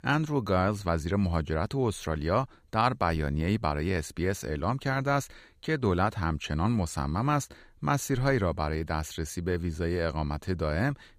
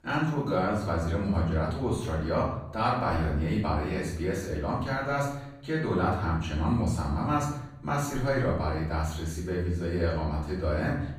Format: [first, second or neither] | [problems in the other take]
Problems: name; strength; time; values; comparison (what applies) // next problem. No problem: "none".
first | off-mic speech; far // room echo; noticeable; dies away in 0.7 s